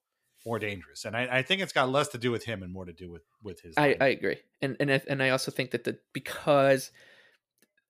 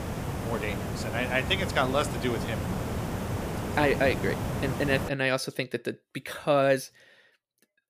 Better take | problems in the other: first | hiss; loud; until 5 s; 4 dB below the speech

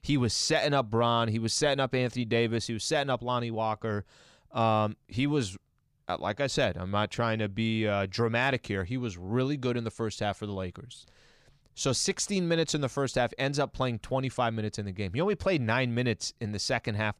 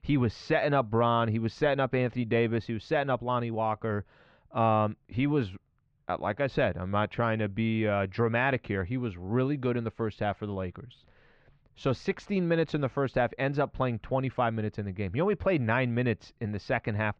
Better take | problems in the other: first | muffled; very; fading above 2.5 kHz

